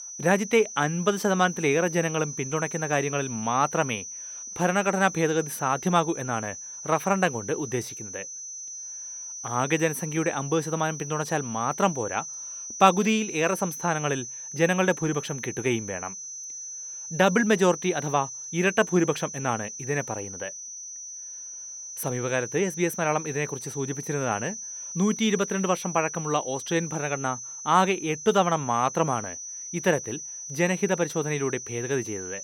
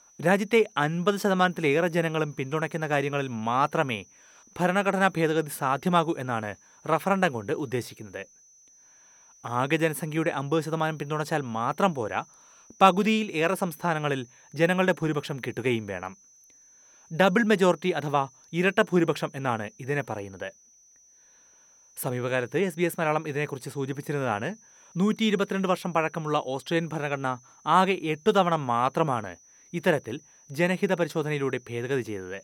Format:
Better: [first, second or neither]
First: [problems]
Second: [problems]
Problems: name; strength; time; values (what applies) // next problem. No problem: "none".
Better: second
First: high-pitched whine; loud; throughout; 6 kHz, 9 dB below the speech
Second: high-pitched whine; faint; throughout; 6 kHz, 30 dB below the speech